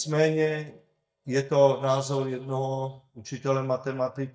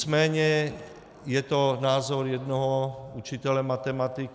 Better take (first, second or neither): second